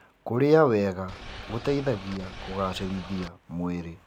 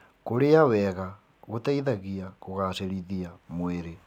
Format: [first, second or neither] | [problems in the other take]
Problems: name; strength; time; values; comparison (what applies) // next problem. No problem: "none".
second | background sound (Boat, Water vehicle); 13 dB below the speech